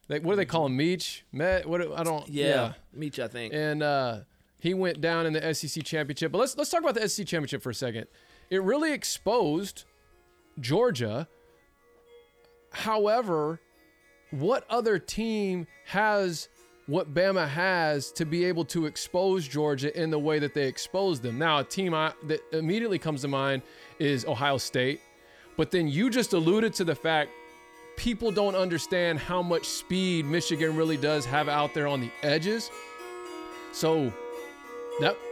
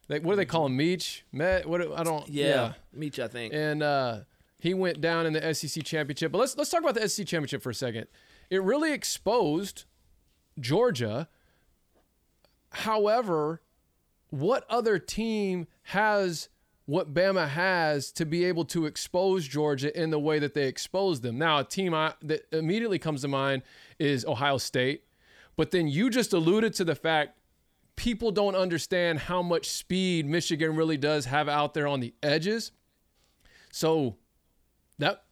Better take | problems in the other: second | background music; noticeable; throughout; 15 dB below the speech

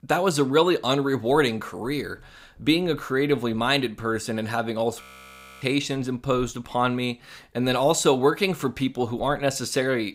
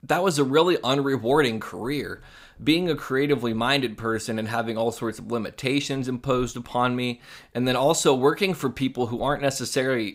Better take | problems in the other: second | audio freezing; at 5 s for 0.5 s

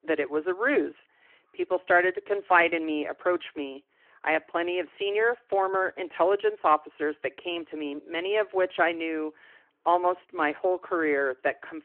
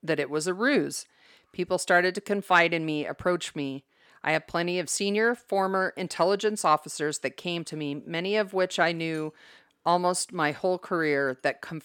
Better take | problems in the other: second | phone-call audio

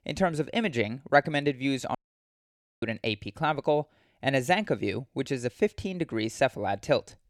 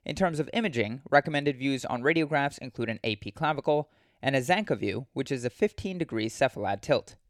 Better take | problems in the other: second | audio cutting out; at 2 s for 1 s

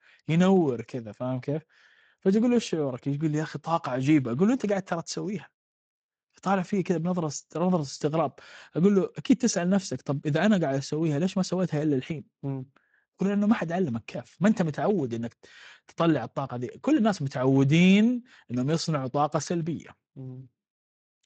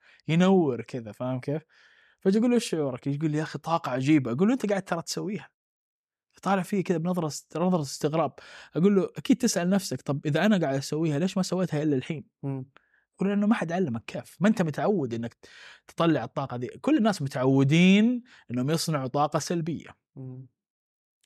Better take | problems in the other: second | garbled, watery; slightly; nothing above 7.5 kHz

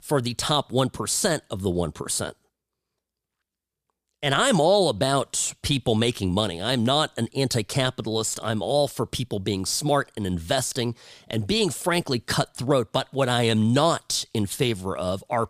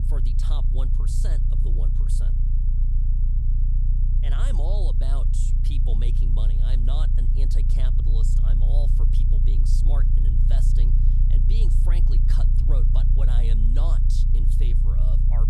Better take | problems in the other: first | low rumble; loud; throughout; as loud as the speech

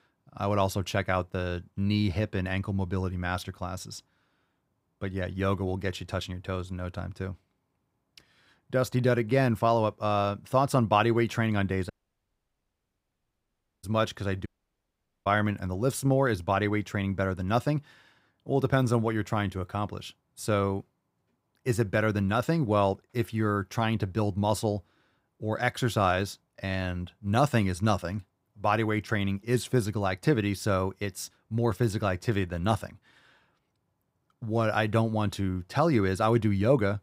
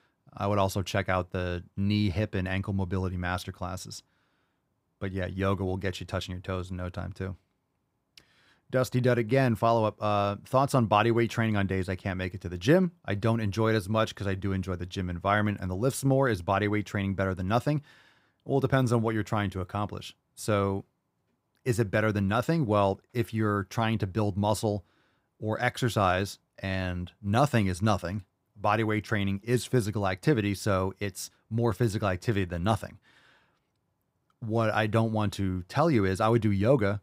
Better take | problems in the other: second | audio cutting out; at 12 s for 2 s and at 14 s for 1 s

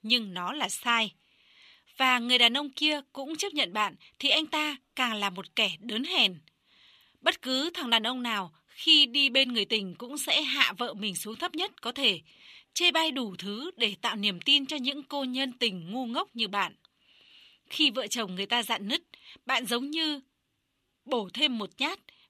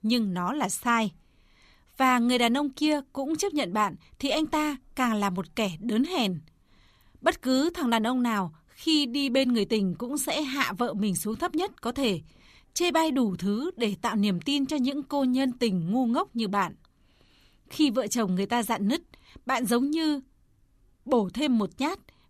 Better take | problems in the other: second | thin; very slightly; fading below 700 Hz

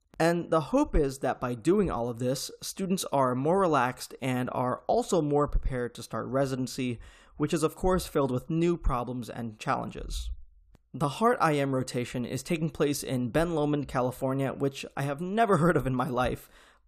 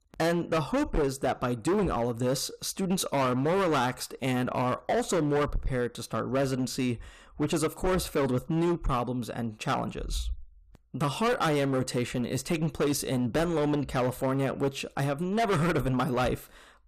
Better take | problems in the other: first | distortion; heavy; 14% of the sound clipped

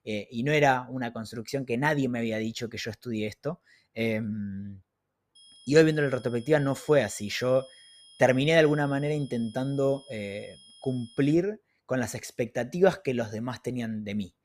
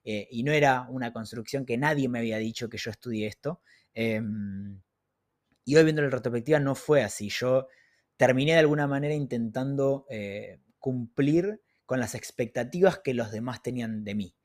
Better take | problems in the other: second | high-pitched whine; faint; from 5.5 to 11 s; 3.5 kHz, 25 dB below the speech

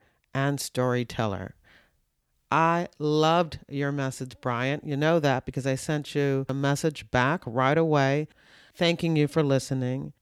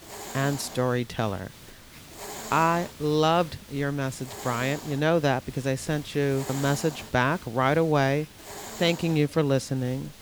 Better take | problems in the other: first | hiss; noticeable; throughout; 15 dB below the speech

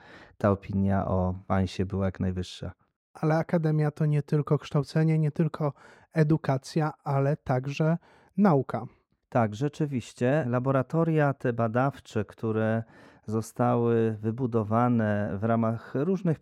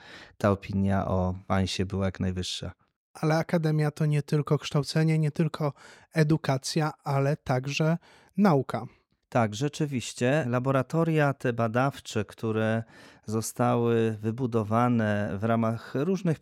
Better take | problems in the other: second | muffled; slightly; fading above 2 kHz

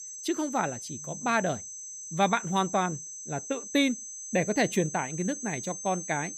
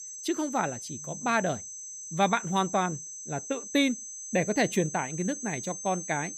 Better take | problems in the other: neither | high-pitched whine; loud; throughout; 6 kHz, 8 dB below the speech; the same in both

